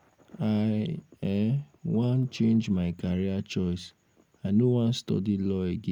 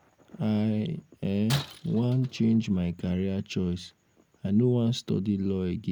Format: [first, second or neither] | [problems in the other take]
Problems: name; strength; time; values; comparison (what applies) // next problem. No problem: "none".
first | background sound (Shatter); 15 dB below the speech